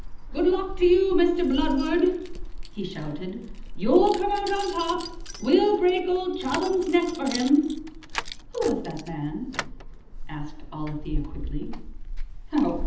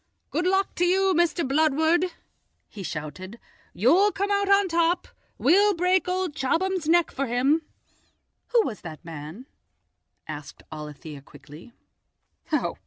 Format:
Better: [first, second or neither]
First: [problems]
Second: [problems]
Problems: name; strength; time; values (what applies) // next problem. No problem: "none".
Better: second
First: background sound (Keys jangling); 7 dB below the speech // room echo; dies away in 0.8 s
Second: none